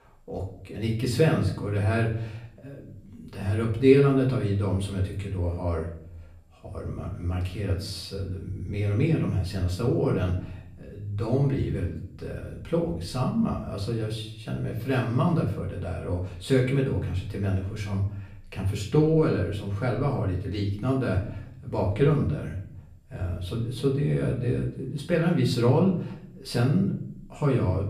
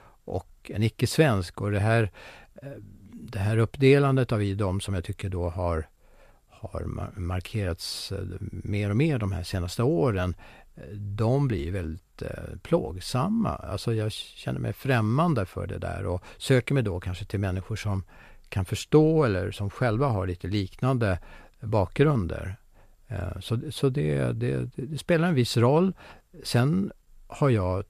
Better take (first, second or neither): second